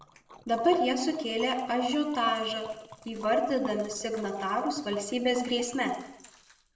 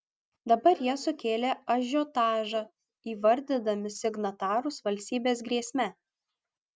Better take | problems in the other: second | background sound (Liquid); 20 dB below the speech // room echo; dies away in 0.7 s

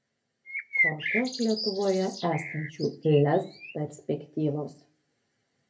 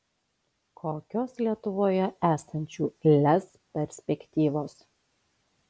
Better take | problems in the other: second | background sound (Bird); 4 dB below the speech // room echo; dies away in 0.3 s

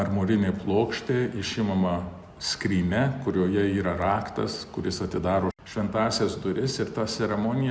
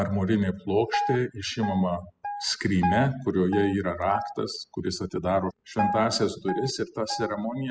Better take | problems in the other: first | noise reduction (classical method spectral subtraction)

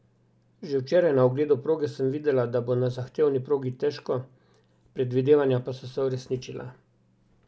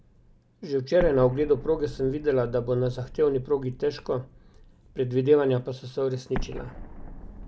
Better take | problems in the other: first | background sound (Explosion); 13 dB below the speech

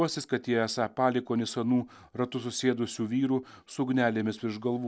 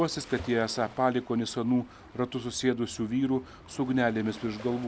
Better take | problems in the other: first | background sound (Waves, surf); 19 dB below the speech

